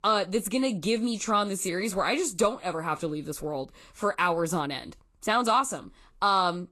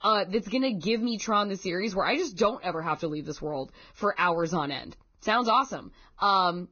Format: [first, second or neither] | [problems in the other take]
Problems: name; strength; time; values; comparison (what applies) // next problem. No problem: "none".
first | garbled, watery; badly; nothing above 6.5 kHz; slightly in the first